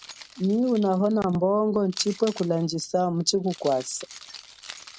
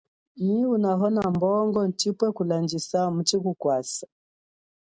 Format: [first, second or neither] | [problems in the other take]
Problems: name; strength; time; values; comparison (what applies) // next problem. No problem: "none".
second | background sound (Keys jangling); 19 dB below the speech